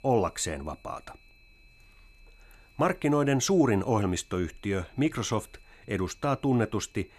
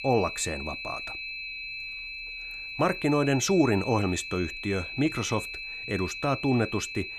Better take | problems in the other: first | high-pitched whine; loud; throughout; 2.5 kHz, 7 dB below the speech; faint in the first

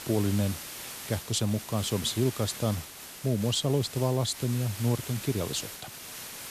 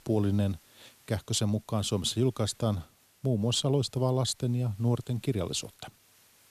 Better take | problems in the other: second | hiss; loud; throughout; 10 dB below the speech; faint in the second

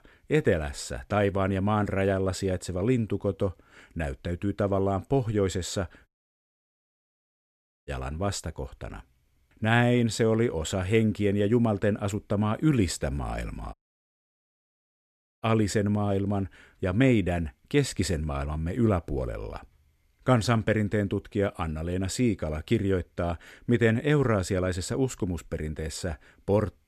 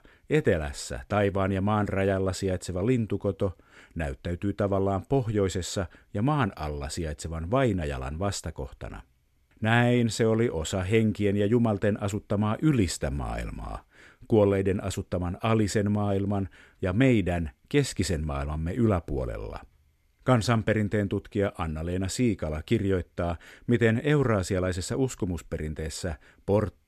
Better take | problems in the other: second | audio cutting out; at 6 s for 2 s and at 14 s for 1.5 s

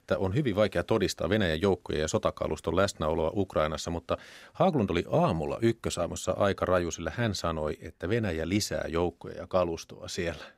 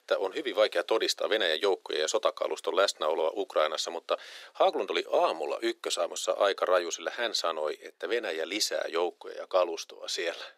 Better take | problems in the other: first | thin; very; fading below 400 Hz

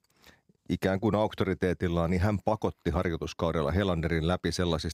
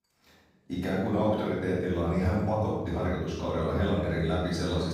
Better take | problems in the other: first | off-mic speech; far // room echo; strong; dies away in 1.2 s

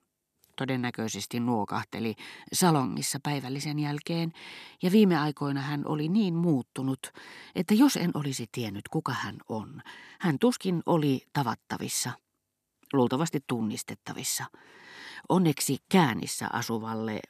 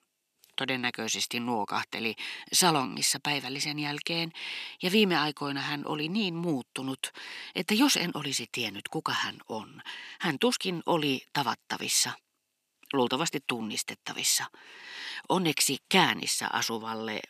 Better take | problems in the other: first | thin; very slightly; fading below 400 Hz

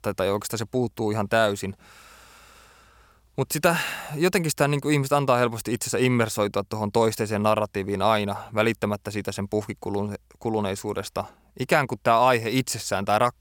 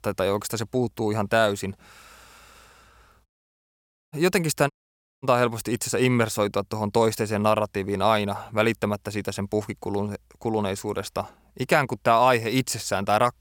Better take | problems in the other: first | audio cutting out; at 3.5 s for 1 s and at 4.5 s for 0.5 s

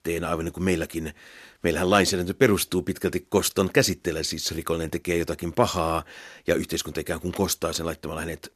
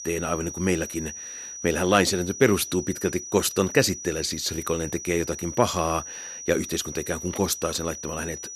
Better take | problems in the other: first | high-pitched whine; loud; throughout; 6 kHz, 10 dB below the speech

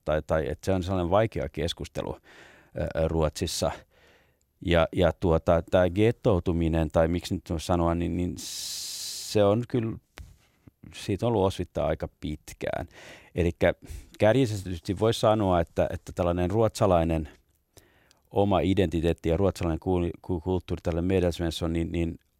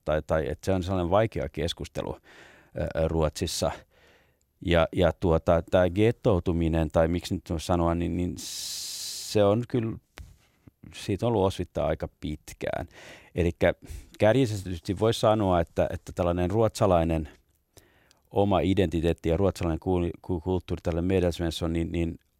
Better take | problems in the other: neither | none

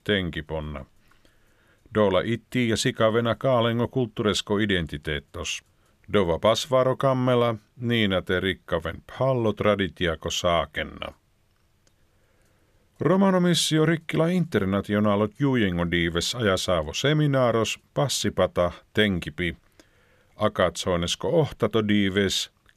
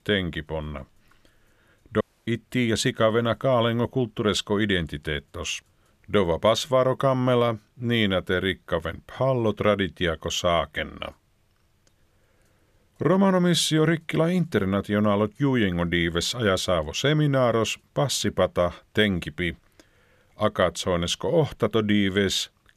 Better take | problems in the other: first | audio cutting out; at 2 s

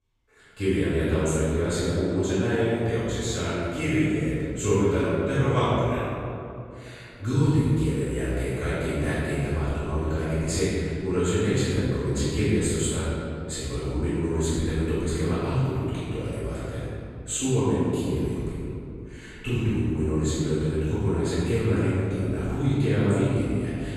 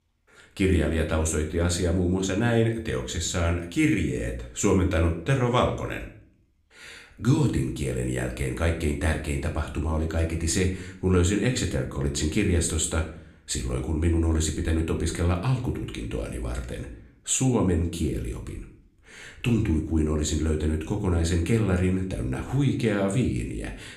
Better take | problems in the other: second | room echo; strong; dies away in 2.5 s; slight in the second // off-mic speech; far; somewhat distant in the second

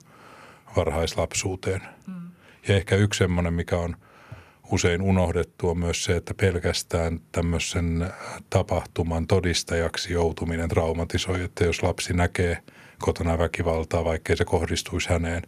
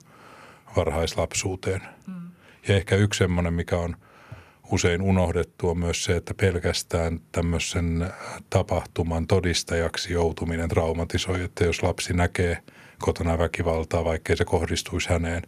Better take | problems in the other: neither | none

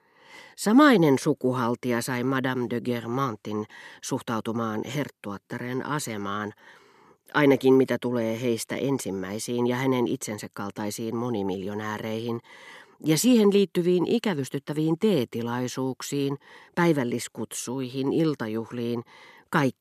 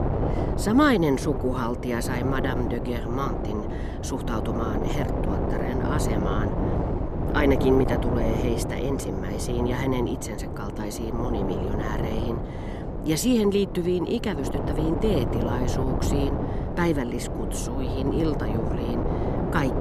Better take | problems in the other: first | wind noise on the microphone; heavy; 3 dB below the speech

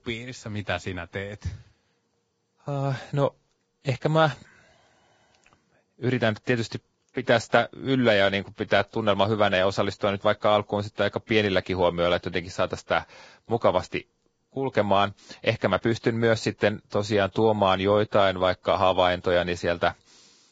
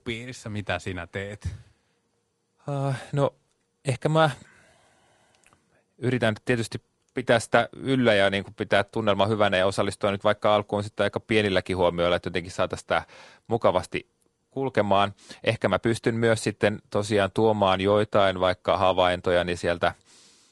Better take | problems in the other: second | garbled, watery; badly; nothing above 7.5 kHz; slightly in the second

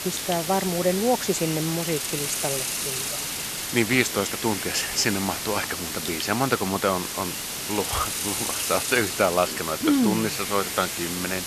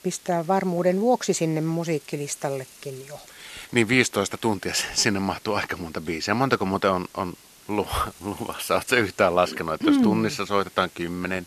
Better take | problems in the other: second | hiss; loud; throughout; 2 dB below the speech; faint in the second

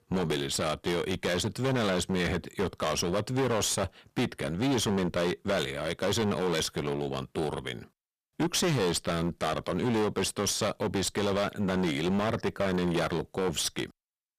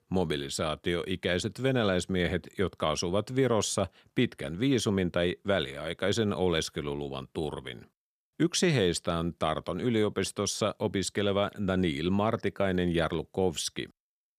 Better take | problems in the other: second | distortion; heavy; 20% of the sound clipped

